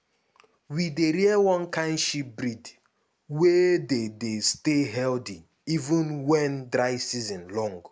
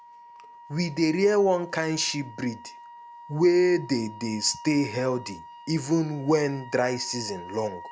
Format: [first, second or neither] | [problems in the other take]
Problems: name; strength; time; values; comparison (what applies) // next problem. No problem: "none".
first | background sound (Wind instrument, woodwind instrument); 18 dB below the speech